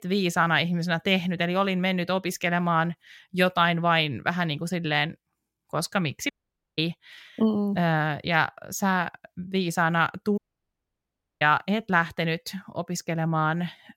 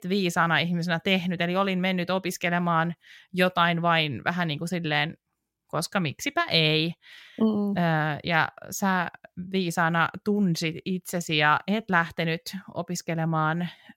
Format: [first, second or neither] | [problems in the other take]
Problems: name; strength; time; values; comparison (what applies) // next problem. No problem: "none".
second | audio cutting out; at 6.5 s and at 10 s for 1 s